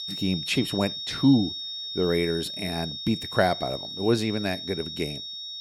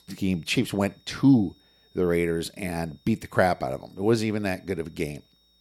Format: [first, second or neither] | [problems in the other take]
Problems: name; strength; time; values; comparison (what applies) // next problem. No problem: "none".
second | high-pitched whine; loud; throughout; 3.5 kHz, 6 dB below the speech; faint in the second